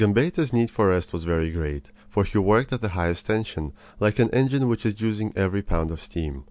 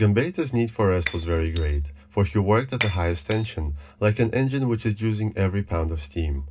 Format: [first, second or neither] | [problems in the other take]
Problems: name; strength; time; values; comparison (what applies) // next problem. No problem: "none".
first | background sound (Shatter); 14 dB below the speech // room echo; dies away in 0.2 s